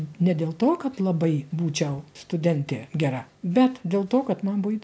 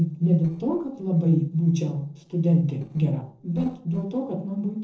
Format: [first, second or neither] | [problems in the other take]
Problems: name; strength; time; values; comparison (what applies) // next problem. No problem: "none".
first | noise reduction (neural separator model SepFormer DNS4)